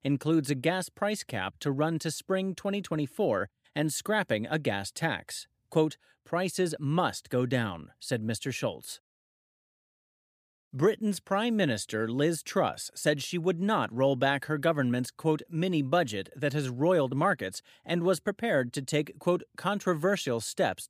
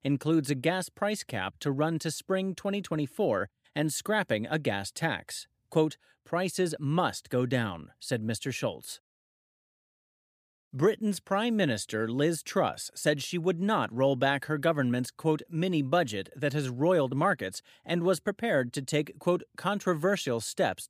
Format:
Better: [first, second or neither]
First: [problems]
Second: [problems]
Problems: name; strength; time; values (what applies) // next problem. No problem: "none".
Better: neither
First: none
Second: none